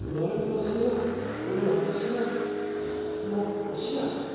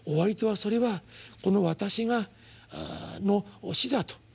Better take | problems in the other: second | background sound (Car); 3 dB below the speech // room echo; dies away in 2.2 s

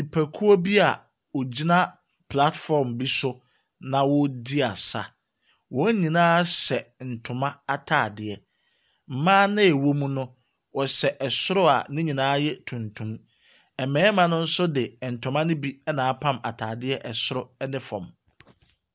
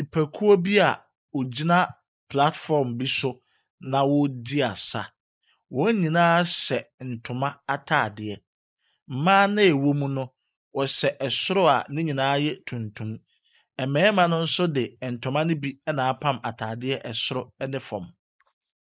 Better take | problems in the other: first | noise reduction (neural mask model Resemble Enhance denoiser)

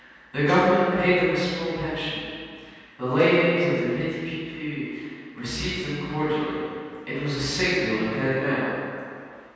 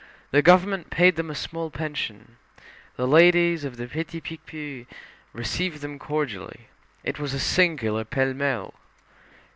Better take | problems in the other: second | room echo; dies away in 2.1 s

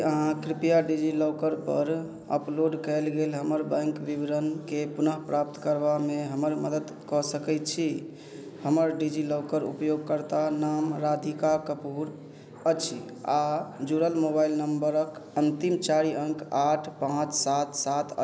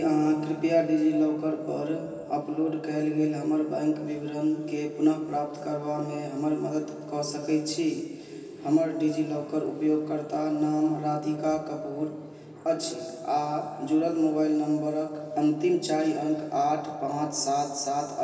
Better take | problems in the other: first | room echo; dies away in 2.5 s

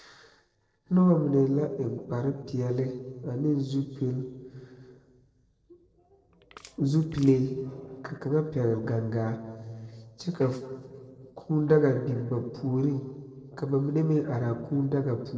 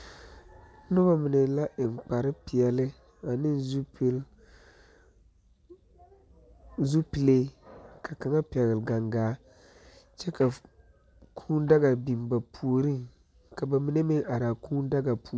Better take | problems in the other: second | noise reduction (neural separator model SepFormer DNS4)

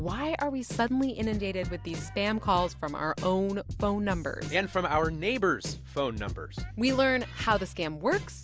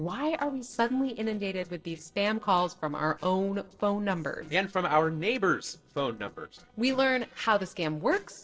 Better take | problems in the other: first | noise reduction (neural separator model SepFormer DNS4)

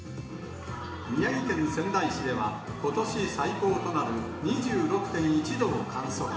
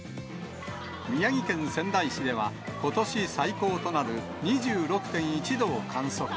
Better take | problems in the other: second | room echo; dies away in 0.9 s

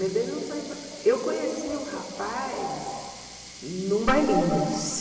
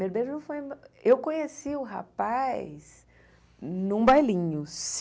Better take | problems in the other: second | background sound (Sink (filling or washing)); 16 dB below the speech // room echo; dies away in 2.8 s

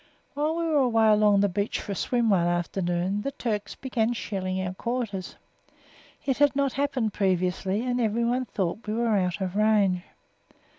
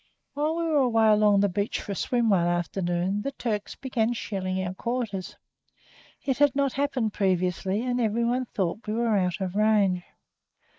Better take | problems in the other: first | noise reduction (neural mask model Resemble Enhance denoiser)

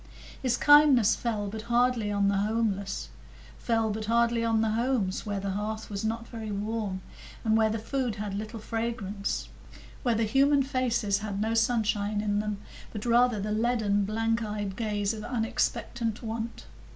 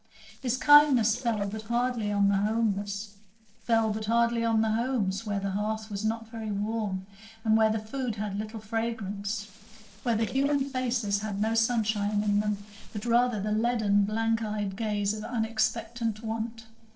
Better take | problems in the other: first | noise reduction (neural separator model SepFormer DNS4)

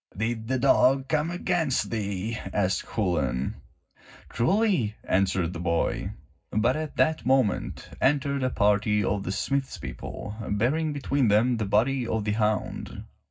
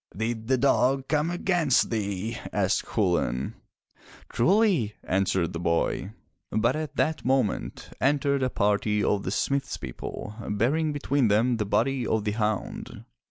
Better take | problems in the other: second | room echo; dies away in 0.4 s

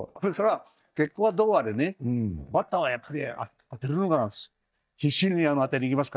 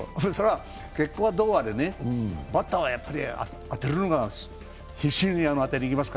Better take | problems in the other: second | noise reduction (neural mask model DeepFilterNet 3)

